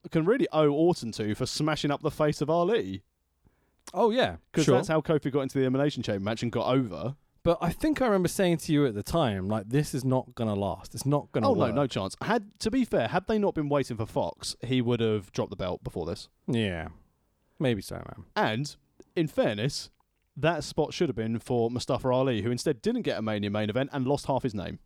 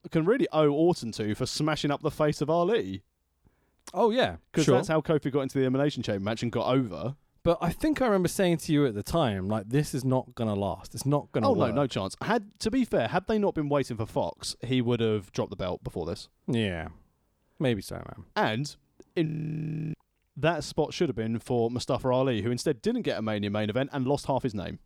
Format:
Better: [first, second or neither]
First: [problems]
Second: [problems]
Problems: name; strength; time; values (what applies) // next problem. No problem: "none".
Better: first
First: none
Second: audio freezing; at 19 s for 0.5 s